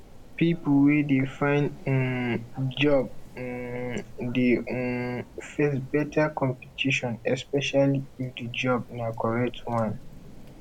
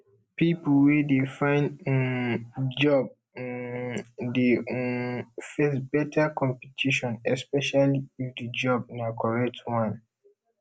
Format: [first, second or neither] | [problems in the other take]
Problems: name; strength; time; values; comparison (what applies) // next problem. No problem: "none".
second | background sound (Rain); 15 dB below the speech